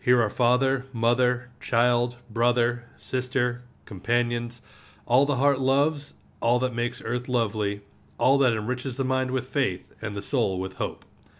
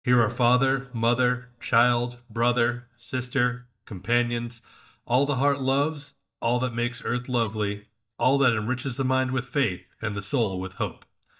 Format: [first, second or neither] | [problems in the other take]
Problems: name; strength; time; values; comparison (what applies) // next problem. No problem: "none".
first | noise reduction (neural mask model DeepFilterNet 3)